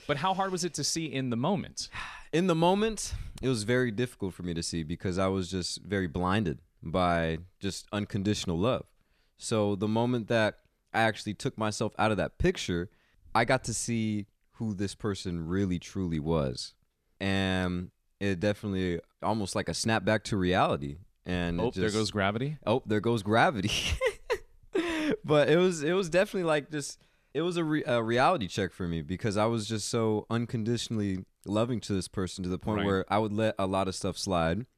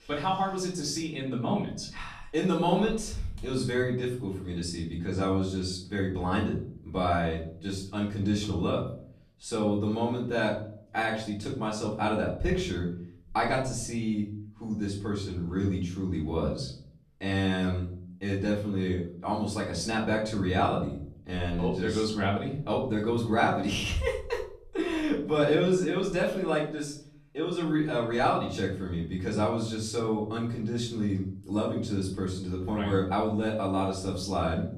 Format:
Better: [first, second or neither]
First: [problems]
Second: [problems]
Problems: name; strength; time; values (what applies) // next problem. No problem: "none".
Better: first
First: none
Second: off-mic speech; far // room echo; slight; dies away in 0.5 s